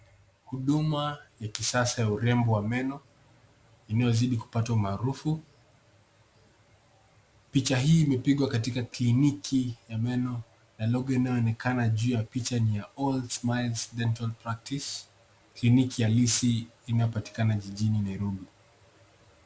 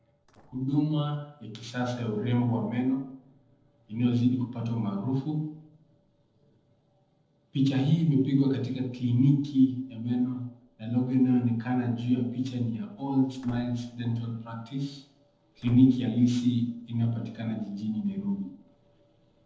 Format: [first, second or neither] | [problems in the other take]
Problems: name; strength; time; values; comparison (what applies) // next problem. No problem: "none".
first | noise reduction (neural separator model SepFormer DNS4)